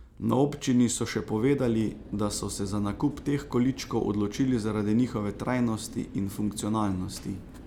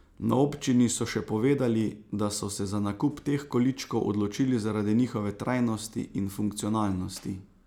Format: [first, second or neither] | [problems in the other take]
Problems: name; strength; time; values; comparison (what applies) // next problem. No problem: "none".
second | background sound (Mechanical fan); 17 dB below the speech